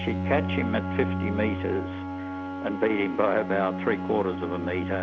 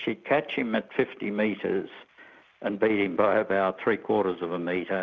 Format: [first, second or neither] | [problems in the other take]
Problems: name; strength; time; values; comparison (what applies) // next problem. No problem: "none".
second | background sound (Wind instrument, woodwind instrument + Bowed string instrument); 3 dB below the speech